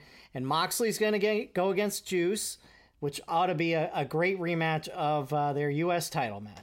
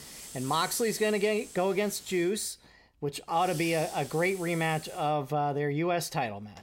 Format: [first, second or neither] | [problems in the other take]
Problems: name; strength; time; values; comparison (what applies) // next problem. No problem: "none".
first | hiss; noticeable; until 2.5 s and from 3.5 to 5 s; 15 dB below the speech